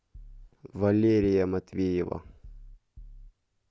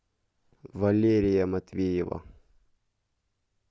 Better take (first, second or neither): second